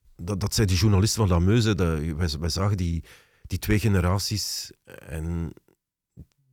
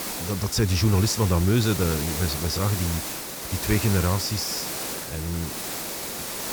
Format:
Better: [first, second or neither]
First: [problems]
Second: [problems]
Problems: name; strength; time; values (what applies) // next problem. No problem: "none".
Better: first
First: none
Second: hiss; loud; throughout; 5 dB below the speech